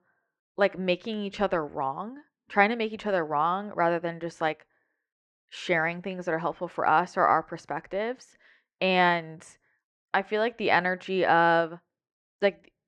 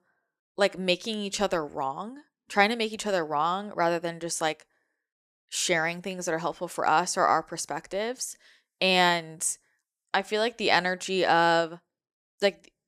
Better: second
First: muffled; very; fading above 2 kHz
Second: none

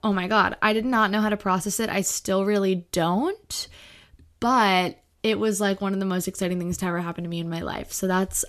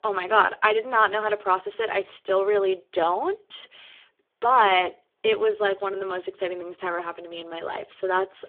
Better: first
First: none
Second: phone-call audio; poor line

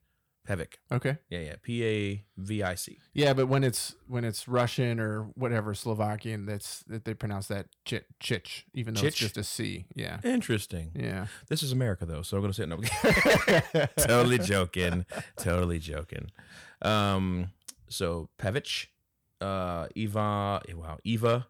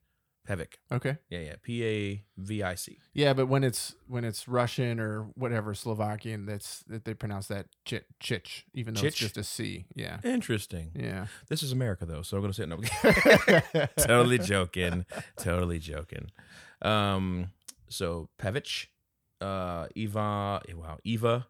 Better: second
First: distortion; slight; 1.7% of the sound clipped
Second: none

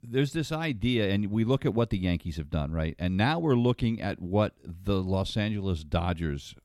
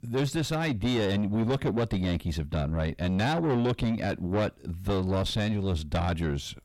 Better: first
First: none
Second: distortion; heavy; 6 dB below the speech

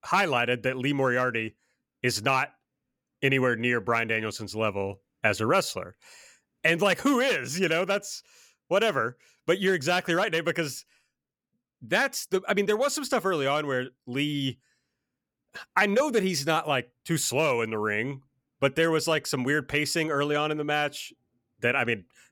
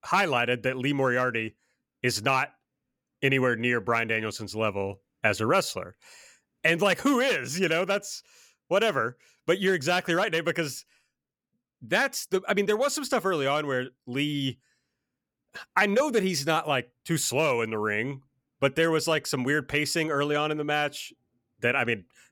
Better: neither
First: none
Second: none

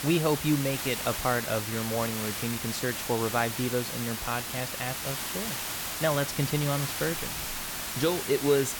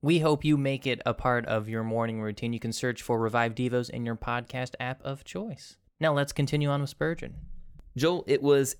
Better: second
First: hiss; loud; throughout; 2 dB below the speech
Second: none

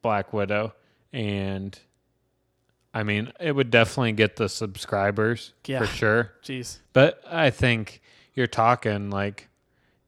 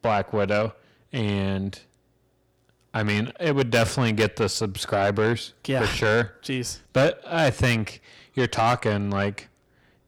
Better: first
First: none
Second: distortion; heavy; 7 dB below the speech

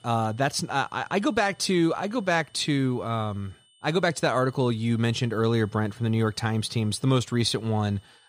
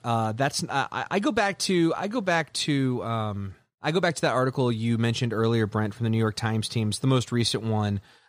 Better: second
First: high-pitched whine; faint; throughout; 3 kHz, 30 dB below the speech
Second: none

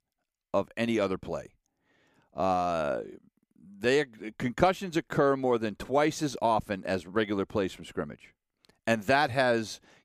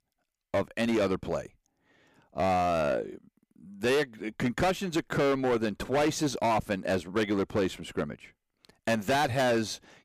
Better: first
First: none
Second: distortion; heavy; 12% of the sound clipped

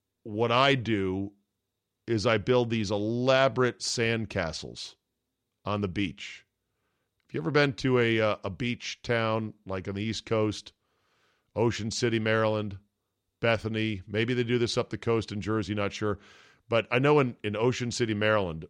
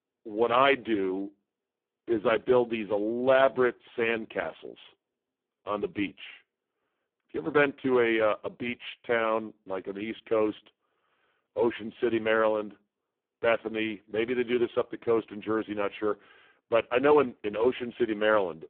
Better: first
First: none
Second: phone-call audio; poor line

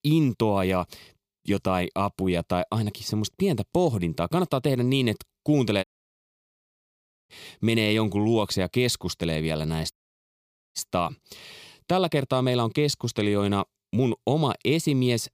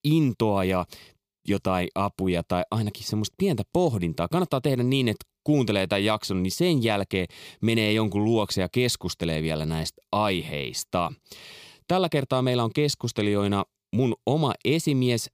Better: second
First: audio cutting out; at 6 s for 1.5 s and at 10 s for 1 s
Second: none

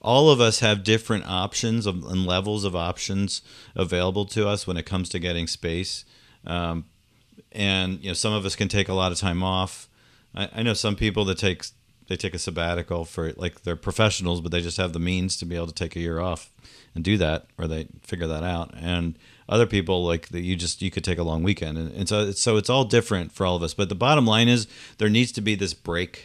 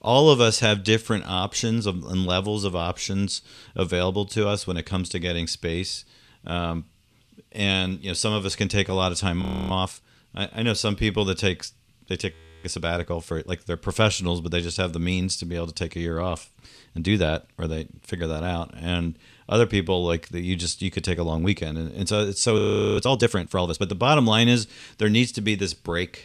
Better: first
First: none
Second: audio freezing; at 9.5 s, at 12 s and at 23 s

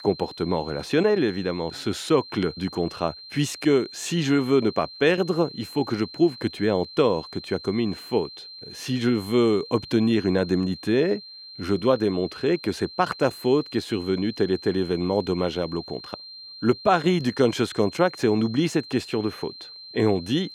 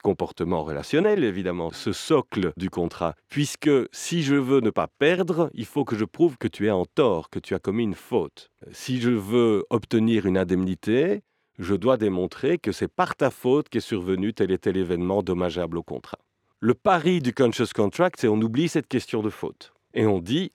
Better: second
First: high-pitched whine; noticeable; throughout; 4 kHz, 15 dB below the speech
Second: none

